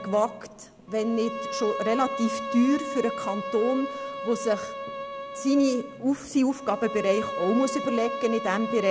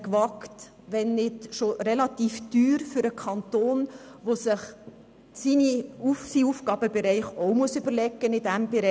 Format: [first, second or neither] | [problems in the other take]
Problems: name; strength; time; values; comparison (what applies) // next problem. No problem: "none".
second | background sound (Bowed string instrument); 8 dB below the speech